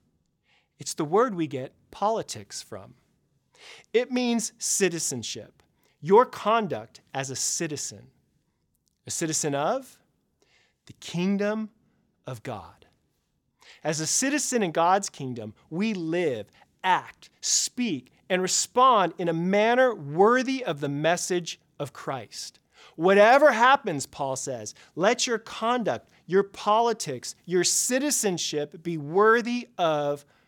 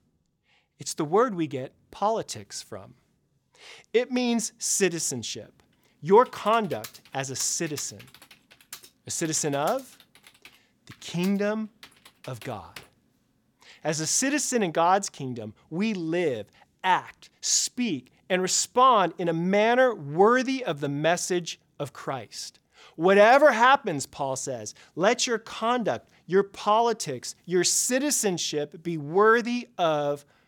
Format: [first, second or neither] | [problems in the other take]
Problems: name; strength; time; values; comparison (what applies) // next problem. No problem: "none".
first | keyboard typing; faint; from 6.5 to 13 s; peak 20 dB below the speech